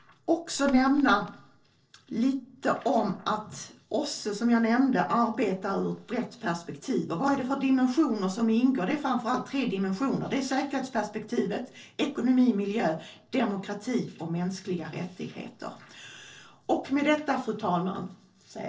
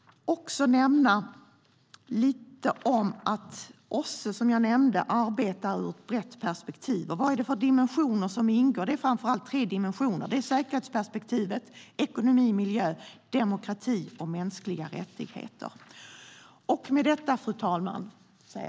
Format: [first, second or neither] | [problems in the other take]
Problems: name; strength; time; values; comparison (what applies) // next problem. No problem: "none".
second | noise reduction (neural separator model SepFormer DNS4)